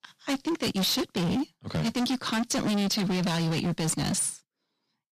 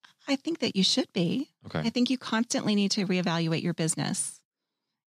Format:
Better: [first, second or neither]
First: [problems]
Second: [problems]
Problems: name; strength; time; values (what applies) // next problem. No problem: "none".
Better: second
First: distortion; heavy; 29% of the sound clipped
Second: none